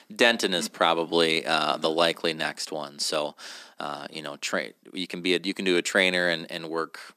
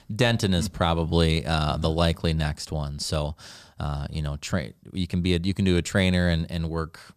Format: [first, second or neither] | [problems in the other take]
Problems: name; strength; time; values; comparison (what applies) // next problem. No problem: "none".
second | thin; somewhat; fading below 250 Hz